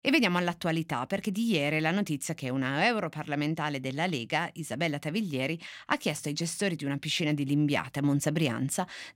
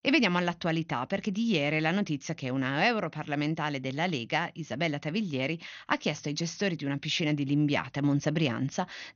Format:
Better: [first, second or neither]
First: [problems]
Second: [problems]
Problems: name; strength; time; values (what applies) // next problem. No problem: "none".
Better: first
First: none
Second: garbled, watery; slightly; nothing above 6.5 kHz